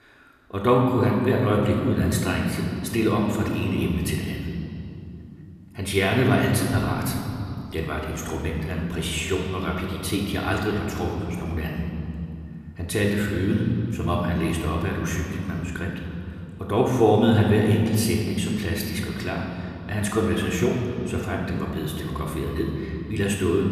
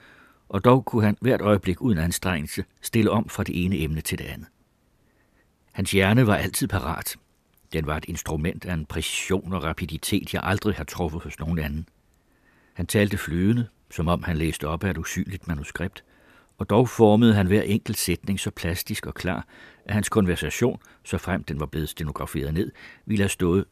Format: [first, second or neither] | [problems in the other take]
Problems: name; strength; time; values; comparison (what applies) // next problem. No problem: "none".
second | room echo; noticeable; dies away in 2.6 s // off-mic speech; far